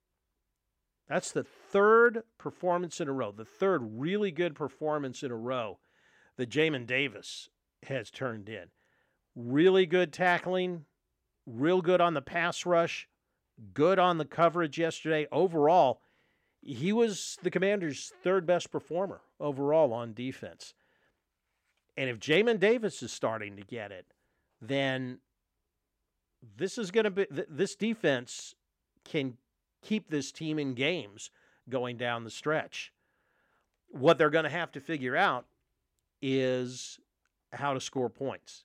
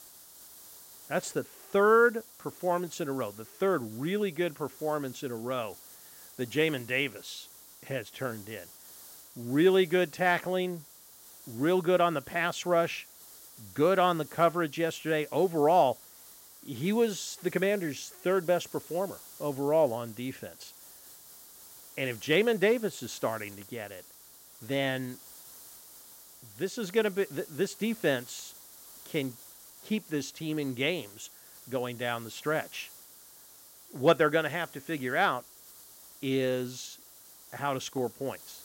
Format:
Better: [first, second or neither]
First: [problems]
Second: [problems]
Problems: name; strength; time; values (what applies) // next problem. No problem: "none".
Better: first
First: none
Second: hiss; noticeable; throughout; 20 dB below the speech